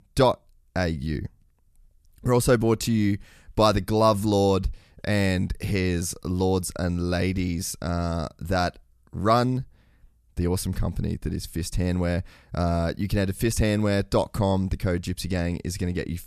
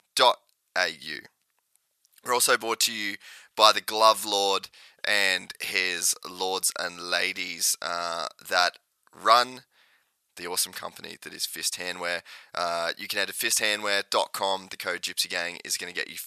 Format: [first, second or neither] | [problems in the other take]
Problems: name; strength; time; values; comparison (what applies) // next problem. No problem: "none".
first | thin; very; fading below 1 kHz